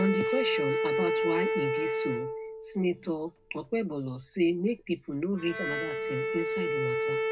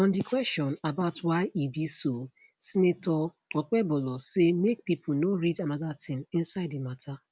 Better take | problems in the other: second | background sound (Bowed string instrument); 1 dB above the speech // room echo; dies away in 0.2 s

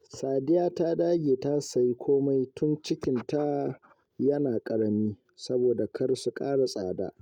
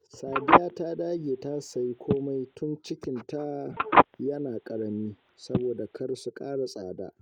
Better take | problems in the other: first | background sound (Telephone); 5 dB above the speech

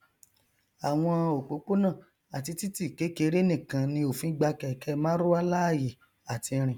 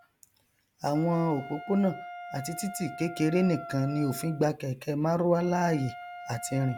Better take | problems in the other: first | background sound (Wind instrument, woodwind instrument); 14 dB below the speech

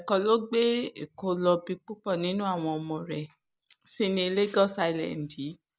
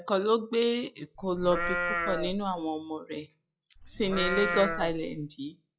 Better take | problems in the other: first | noise reduction (classical method log-MMSE)

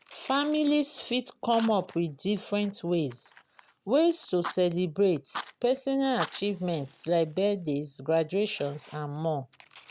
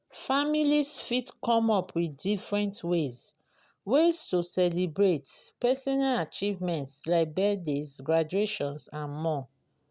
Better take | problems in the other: second | background sound (Fire); 18 dB below the speech

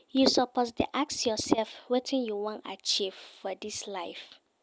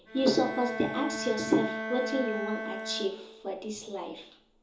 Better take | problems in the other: first | background sound (Bowed string instrument); 7 dB below the speech // room echo; dies away in 0.6 s

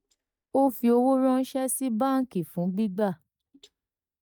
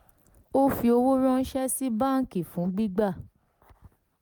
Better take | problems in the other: second | noise reduction (neural mask model DeepFilterNet 3)

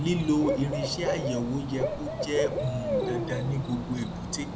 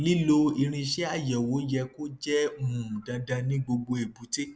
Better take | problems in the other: second | background sound (Cricket / Bird); 2 dB below the speech

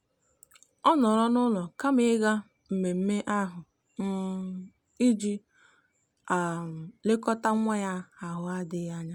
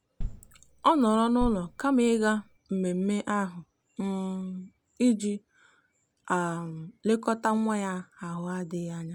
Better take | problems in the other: first | background sound (Bass drum); 10 dB below the speech

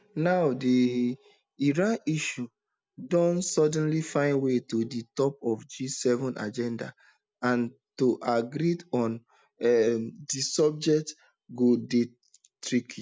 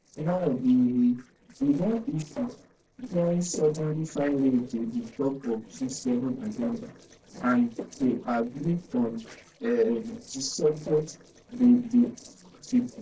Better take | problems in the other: first | noise reduction (neural separator model SepFormer DNS4)

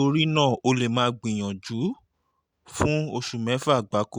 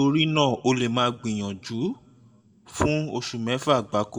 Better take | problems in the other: first | room echo; dies away in 0.3 s

